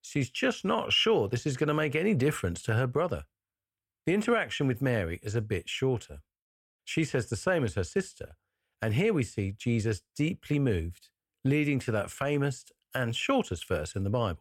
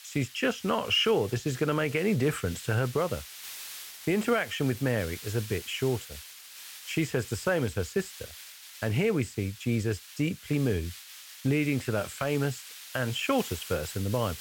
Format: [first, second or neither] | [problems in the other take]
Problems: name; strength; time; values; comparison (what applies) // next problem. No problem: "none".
first | hiss; noticeable; throughout; 15 dB below the speech